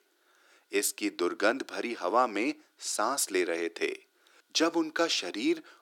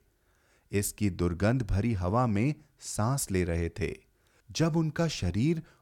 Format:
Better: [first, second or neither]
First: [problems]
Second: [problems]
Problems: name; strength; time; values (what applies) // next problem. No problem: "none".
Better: second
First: thin; very; fading below 300 Hz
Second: none